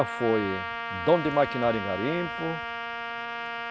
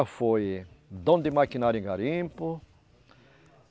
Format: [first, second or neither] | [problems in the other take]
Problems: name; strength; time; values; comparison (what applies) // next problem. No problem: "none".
second | background sound (Trumpet); 5 dB below the speech